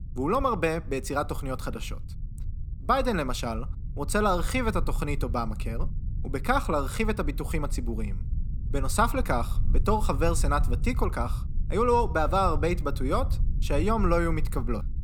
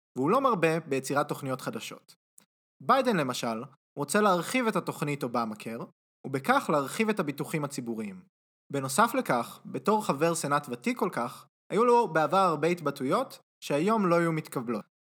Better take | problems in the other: second | low rumble; faint; throughout; 20 dB below the speech

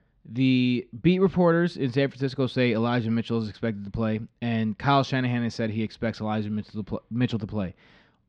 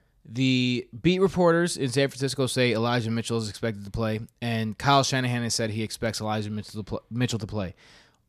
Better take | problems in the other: second | muffled; slightly; fading above 3.5 kHz

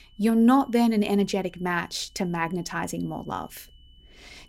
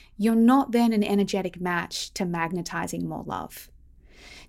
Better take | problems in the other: second | high-pitched whine; faint; throughout; 3 kHz, 35 dB below the speech

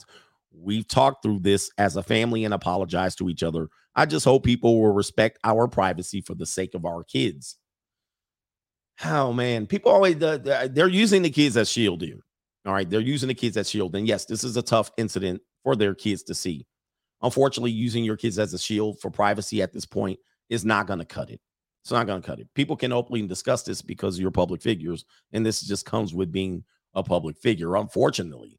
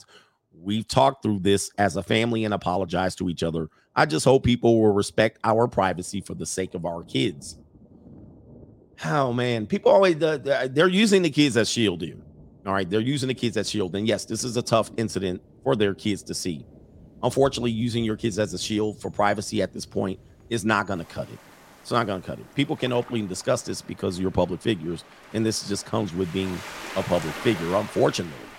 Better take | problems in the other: first | rain or running water; noticeable; throughout; 20 dB below the speech

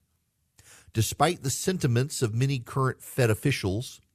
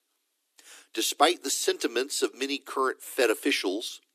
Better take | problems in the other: first | thin; somewhat; fading below 300 Hz

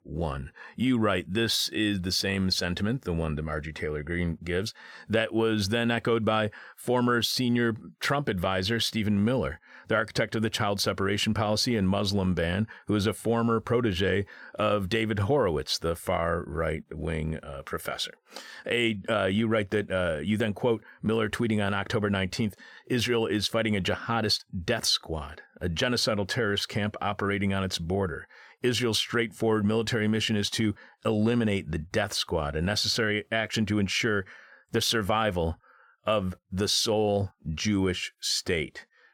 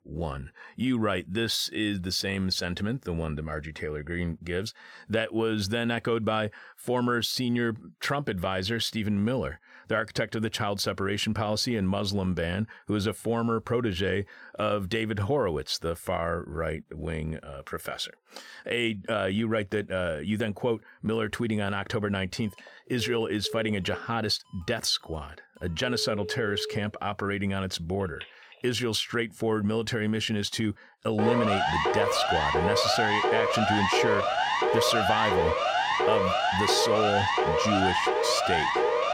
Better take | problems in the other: first | phone ringing; noticeable; from 23 to 29 s; peak 7 dB below the speech // siren; loud; from 31 s on; peak 4 dB above the speech

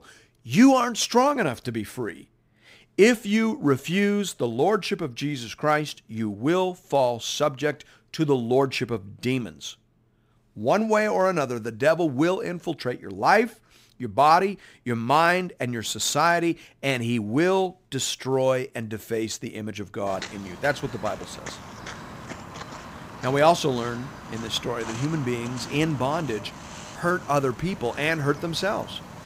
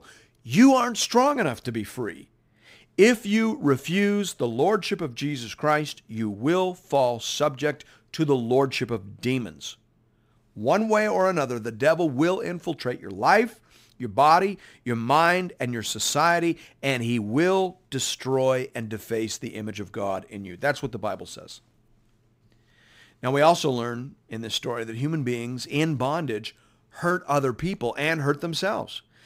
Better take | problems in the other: second | footsteps; faint; from 20 s on; peak 10 dB below the speech

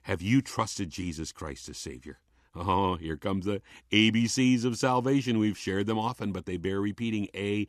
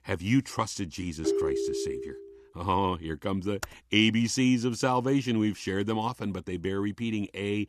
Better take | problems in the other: first | phone ringing; loud; at 1 s; peak 1 dB above the speech // keyboard typing; very faint; at 3.5 s; peak 15 dB below the speech

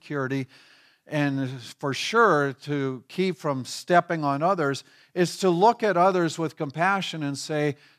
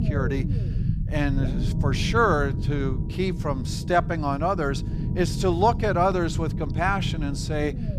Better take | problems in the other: first | low rumble; noticeable; throughout; 15 dB below the speech

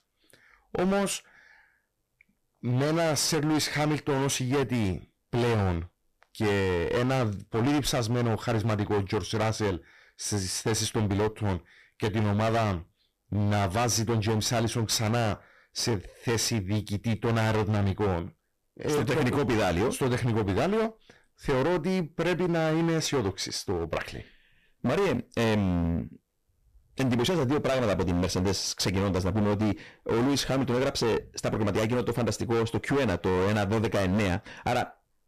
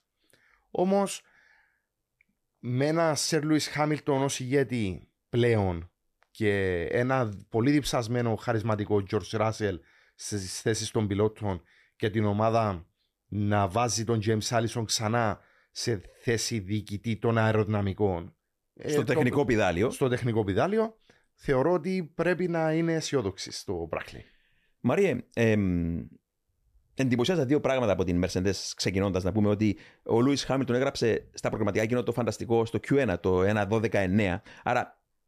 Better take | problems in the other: second | distortion; heavy; 24% of the sound clipped

